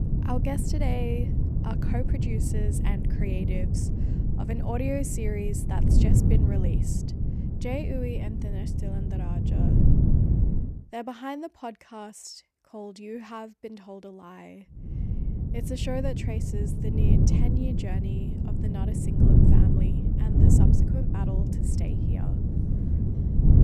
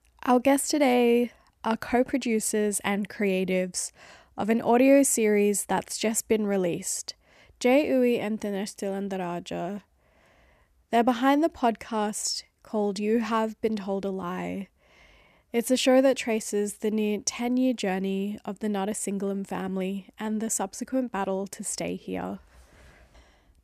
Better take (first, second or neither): second